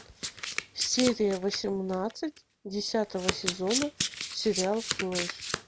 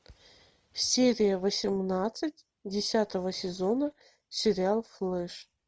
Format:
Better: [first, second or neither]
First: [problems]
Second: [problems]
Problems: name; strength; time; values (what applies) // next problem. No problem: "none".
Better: second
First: background sound (Domestic sounds, home sounds); 5 dB below the speech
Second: none